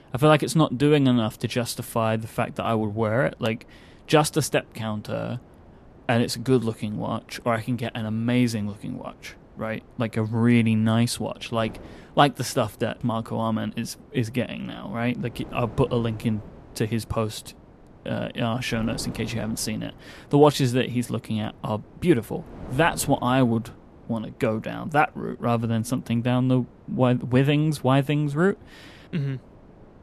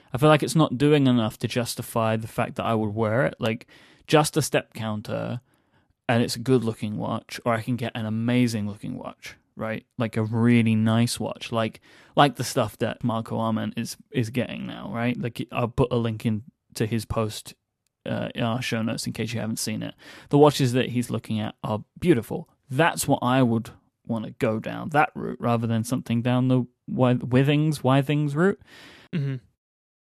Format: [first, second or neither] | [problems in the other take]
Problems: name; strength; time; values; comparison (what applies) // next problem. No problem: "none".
second | wind noise on the microphone; occasional gusts; 25 dB below the speech